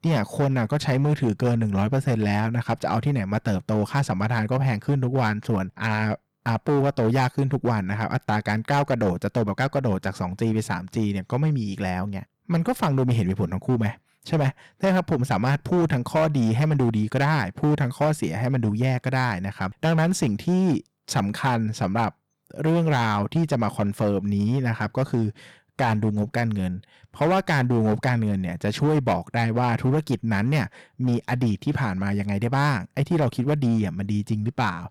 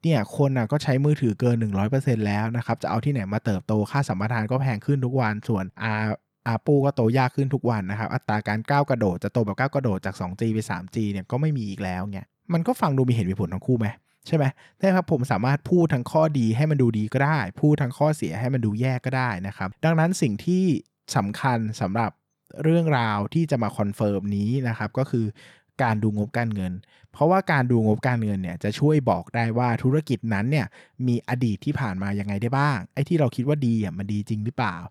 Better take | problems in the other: second | distortion; slight; 9% of the sound clipped

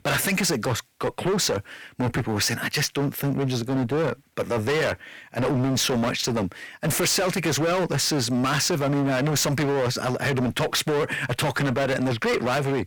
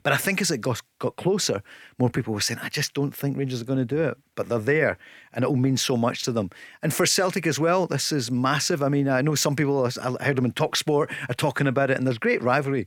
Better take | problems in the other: second | distortion; heavy; 26% of the sound clipped

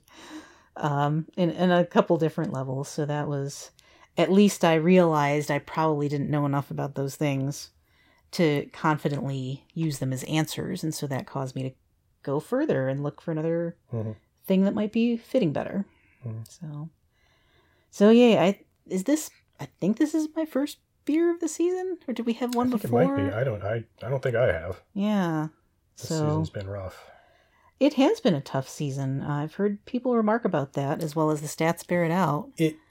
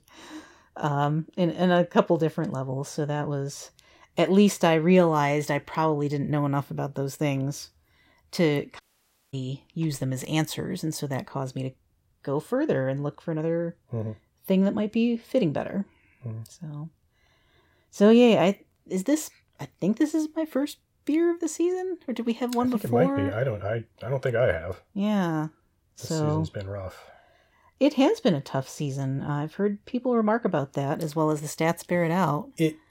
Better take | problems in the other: first | audio cutting out; at 9 s for 0.5 s

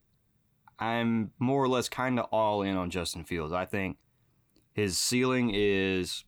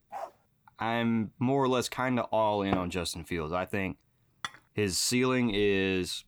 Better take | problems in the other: first | dog barking; faint; at the start; peak 15 dB below the speech // door banging; noticeable; at 2.5 s; peak 7 dB below the speech // clattering dishes; faint; at 4.5 s; peak 10 dB below the speech

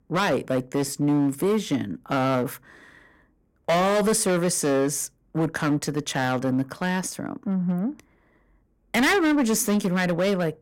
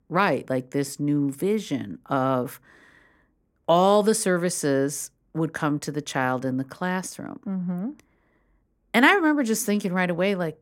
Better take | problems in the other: second | distortion; heavy; 11% of the sound clipped

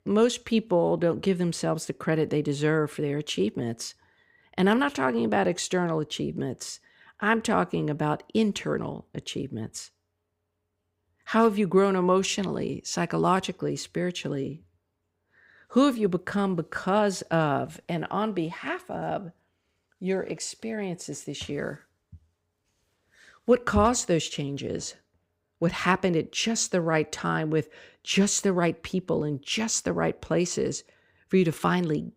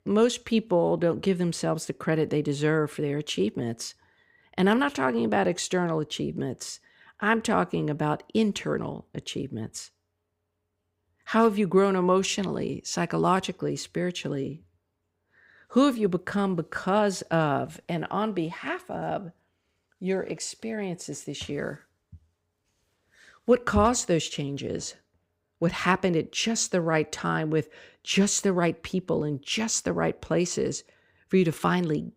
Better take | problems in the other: neither | none

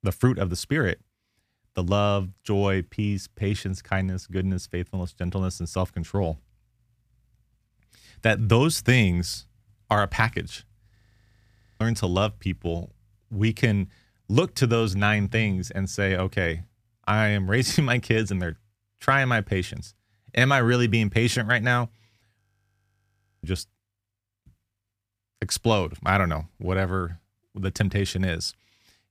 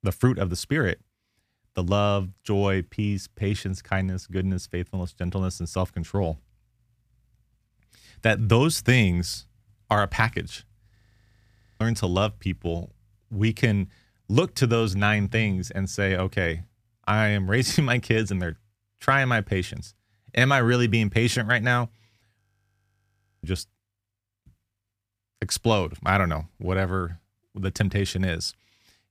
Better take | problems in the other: neither | audio freezing; at 11 s for 1 s and at 22 s for 1 s; the same in both

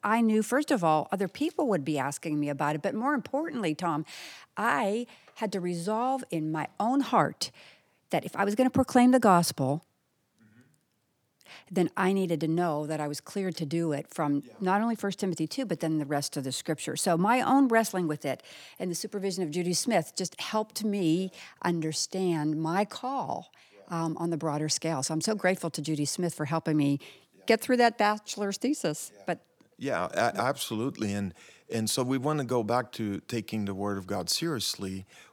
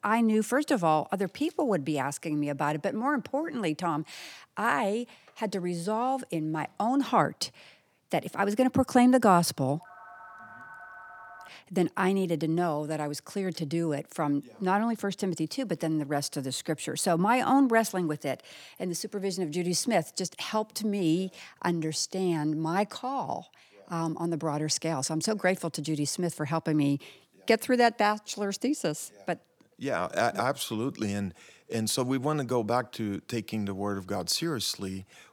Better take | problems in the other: first | phone ringing; faint; from 10 to 11 s; peak 15 dB below the speech

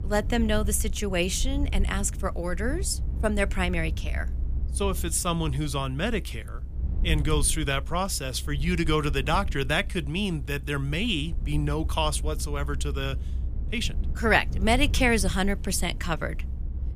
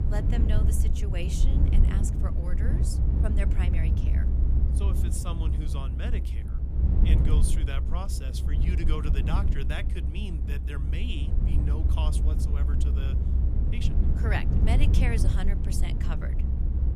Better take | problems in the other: first | low rumble; loud; throughout; 2 dB below the speech; faint in the first

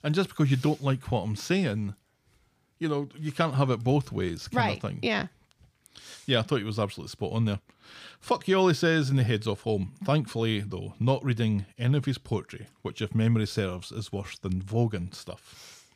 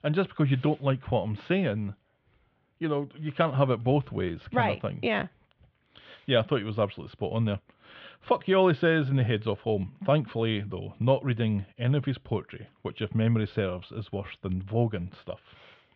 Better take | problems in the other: first | muffled; very; fading above 3 kHz

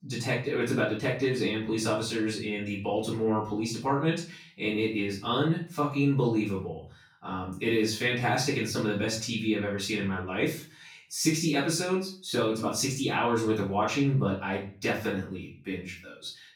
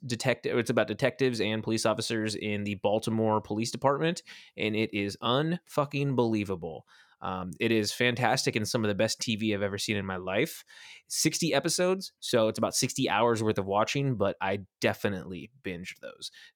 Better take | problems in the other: second | off-mic speech; far // room echo; slight; dies away in 0.4 s

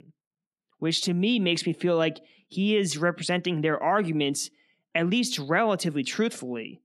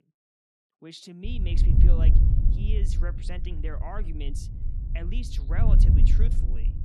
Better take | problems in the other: first | wind noise on the microphone; heavy; from 1 s on; 1 dB below the speech

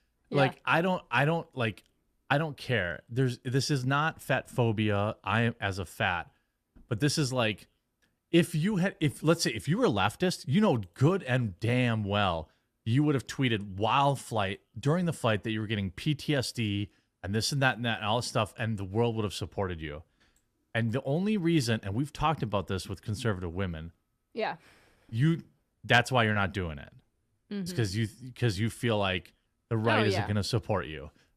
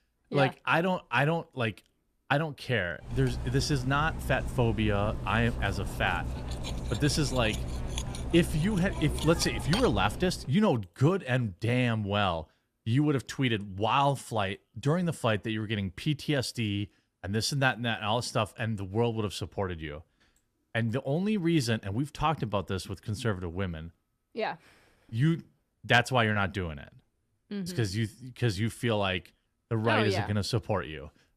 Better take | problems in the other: first | clattering dishes; noticeable; from 3 to 10 s; peak 4 dB below the speech

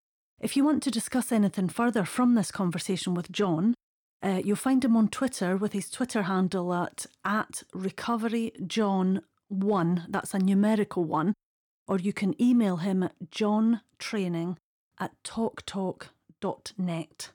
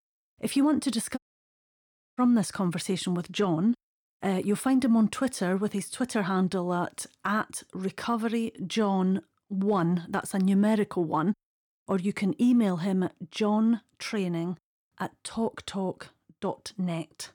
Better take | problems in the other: first | audio cutting out; at 1 s for 1 s

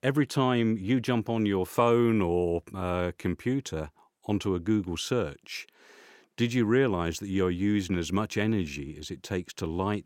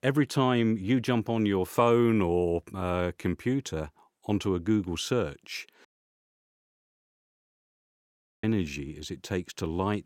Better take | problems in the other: first | audio cutting out; at 6 s for 2.5 s

